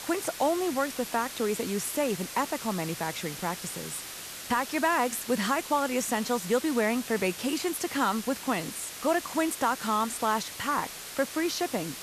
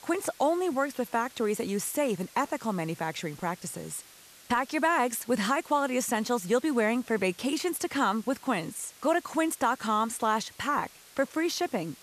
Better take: second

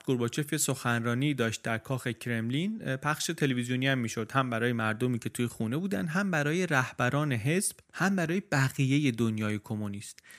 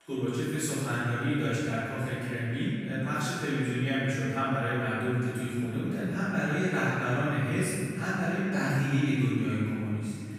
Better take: first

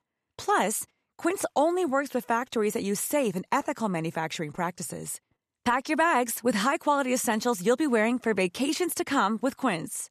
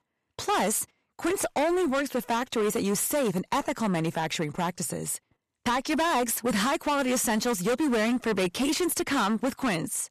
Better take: first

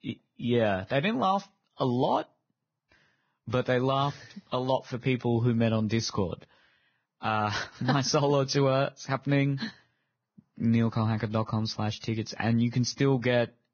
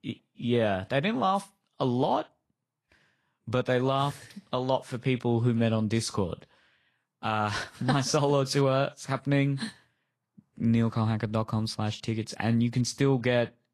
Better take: second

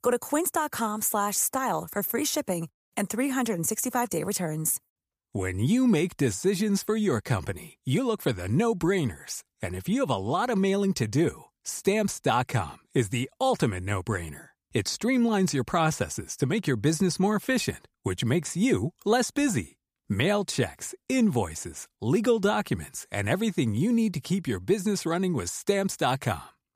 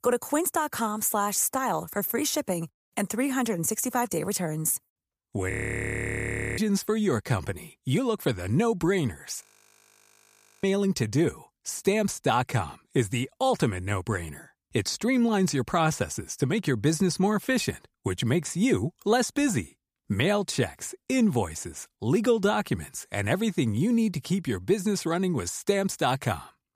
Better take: first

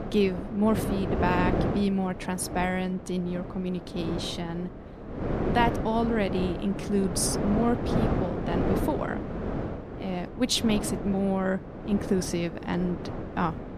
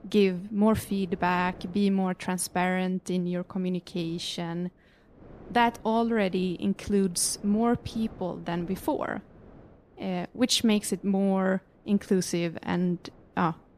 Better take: second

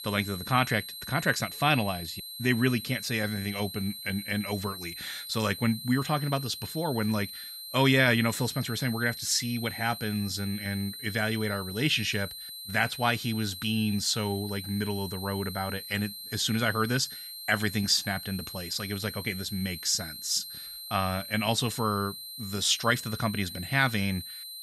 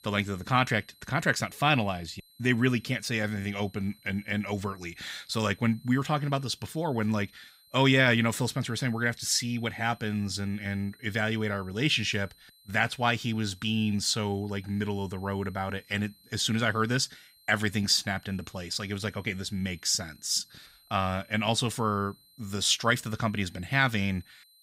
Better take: second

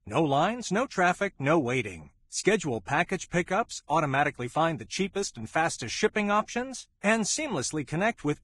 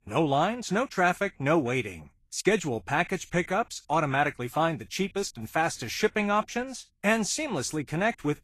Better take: second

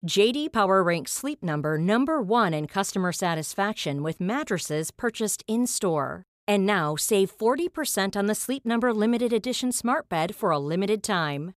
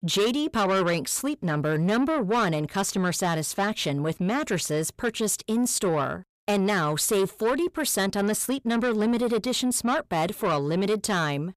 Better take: first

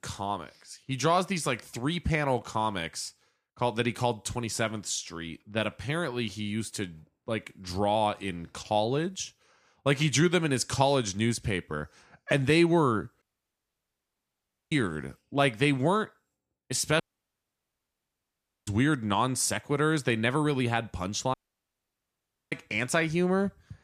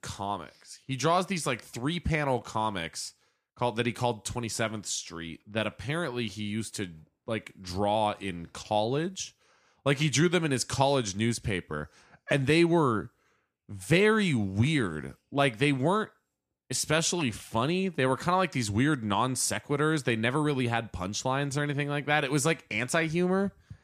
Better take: second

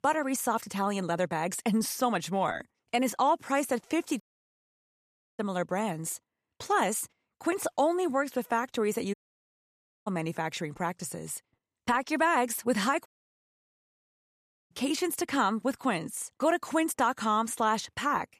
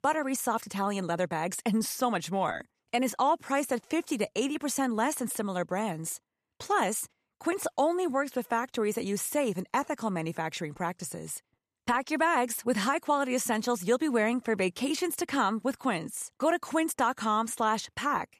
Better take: second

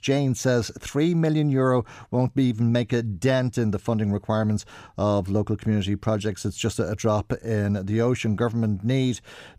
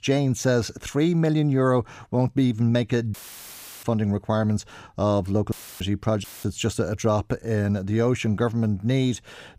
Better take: first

